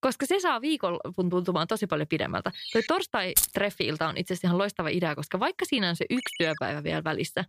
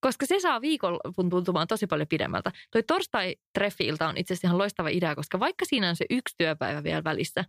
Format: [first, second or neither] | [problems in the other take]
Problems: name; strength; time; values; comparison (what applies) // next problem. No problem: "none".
second | phone ringing; noticeable; at 2.5 s and at 6 s; peak 7 dB below the speech // jangling keys; loud; at 3.5 s; peak 4 dB above the speech